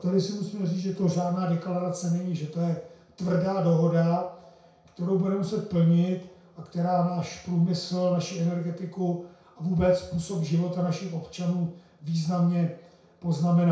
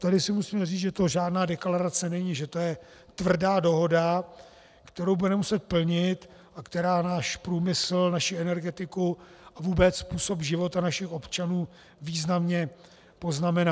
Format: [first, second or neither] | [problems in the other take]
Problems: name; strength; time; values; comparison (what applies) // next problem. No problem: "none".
second | room echo; dies away in 0.5 s